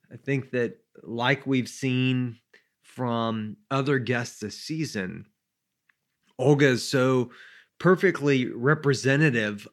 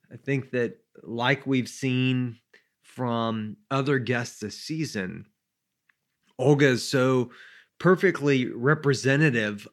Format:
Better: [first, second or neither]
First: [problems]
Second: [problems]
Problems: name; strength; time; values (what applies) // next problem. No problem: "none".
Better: neither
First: none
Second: none